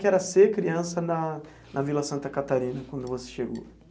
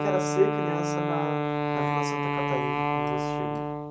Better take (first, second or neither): first